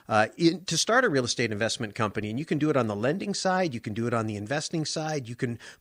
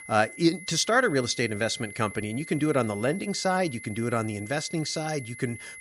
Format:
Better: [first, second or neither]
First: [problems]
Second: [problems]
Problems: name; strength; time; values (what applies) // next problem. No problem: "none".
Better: first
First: none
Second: high-pitched whine; noticeable; throughout; 2 kHz, 15 dB below the speech